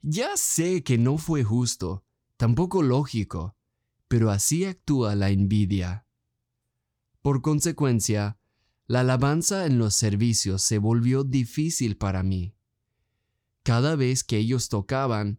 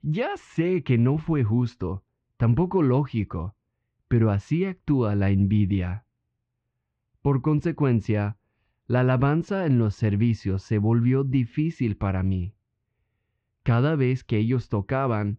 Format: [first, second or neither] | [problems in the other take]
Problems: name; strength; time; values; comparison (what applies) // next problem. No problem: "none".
first | muffled; very; fading above 2.5 kHz